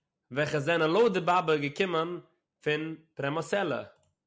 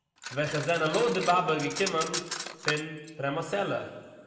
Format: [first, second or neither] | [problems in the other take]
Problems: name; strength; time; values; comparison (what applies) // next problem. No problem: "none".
first | background sound (Cutlery, silverware); 9 dB below the speech // room echo; dies away in 1.6 s